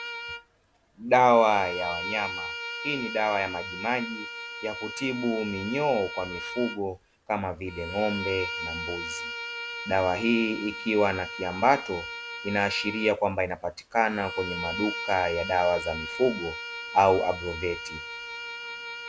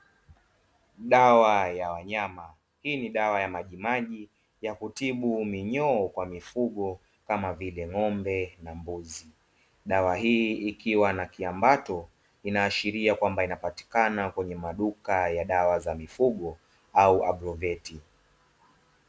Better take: second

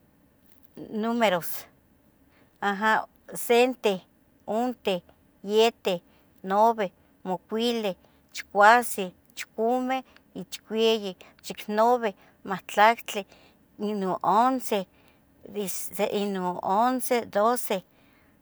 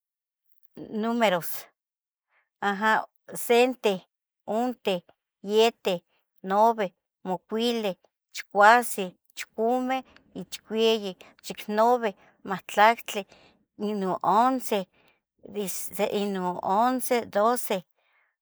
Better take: first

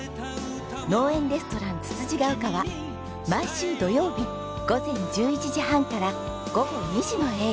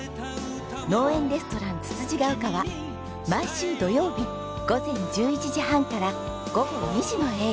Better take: first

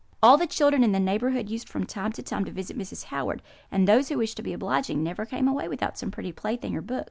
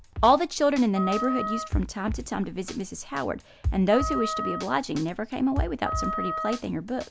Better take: first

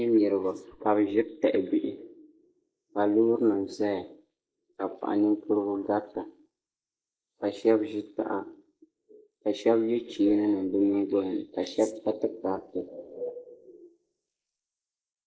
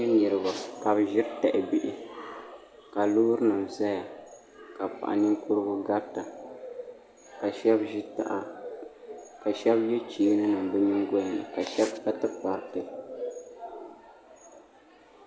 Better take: second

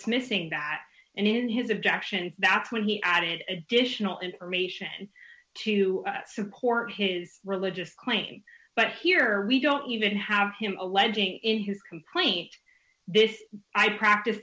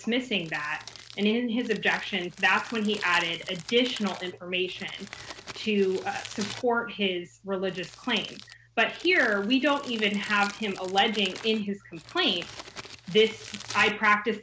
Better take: first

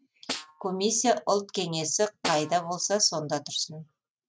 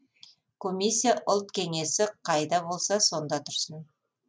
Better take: second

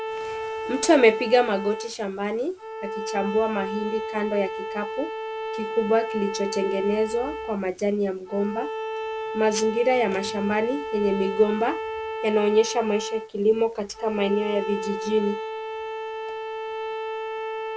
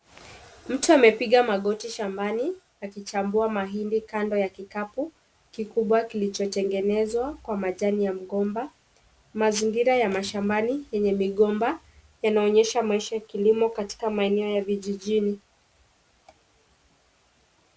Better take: second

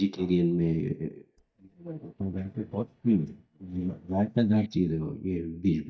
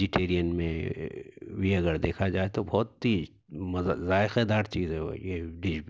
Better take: second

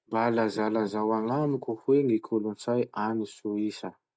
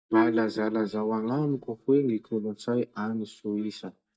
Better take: first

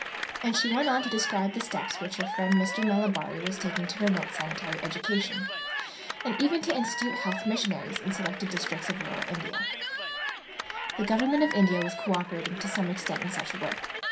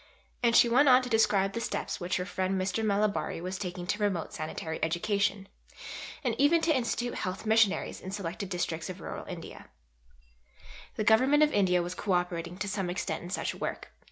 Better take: second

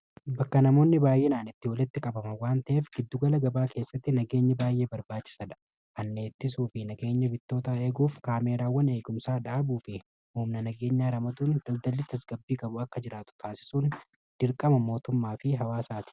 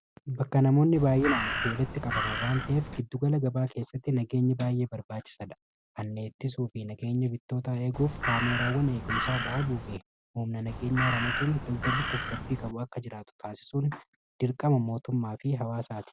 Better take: first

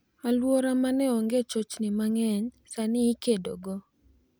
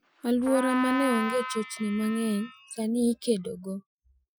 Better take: first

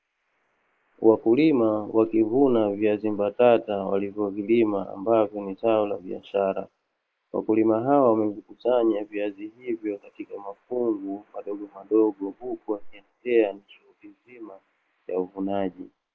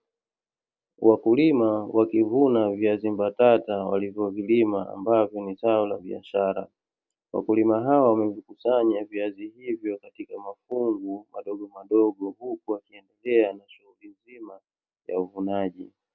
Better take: second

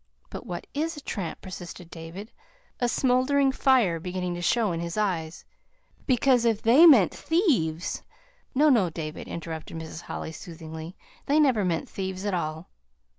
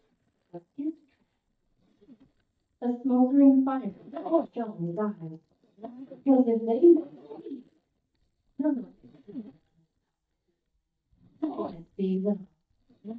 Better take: first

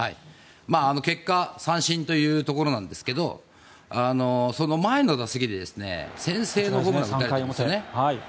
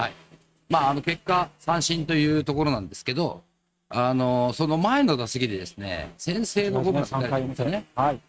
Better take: first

